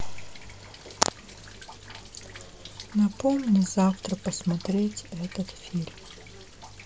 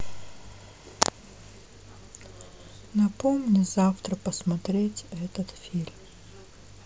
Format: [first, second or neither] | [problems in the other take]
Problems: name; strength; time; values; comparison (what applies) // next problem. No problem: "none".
second | background sound (Rain); 20 dB below the speech